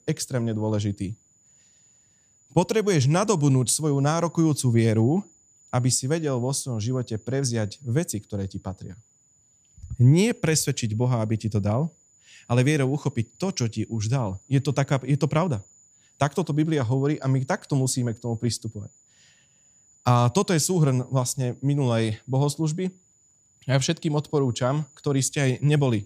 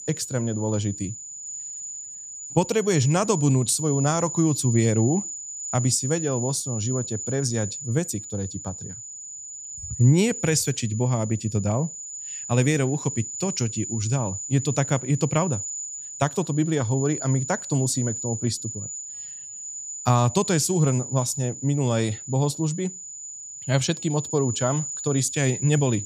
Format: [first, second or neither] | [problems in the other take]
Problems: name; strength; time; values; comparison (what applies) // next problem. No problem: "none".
first | high-pitched whine; loud; throughout; 7 kHz, 7 dB below the speech; faint in the first